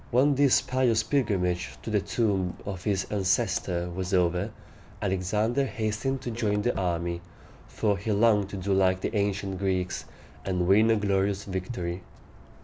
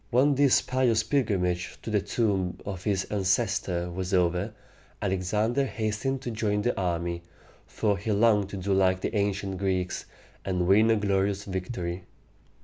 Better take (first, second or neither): second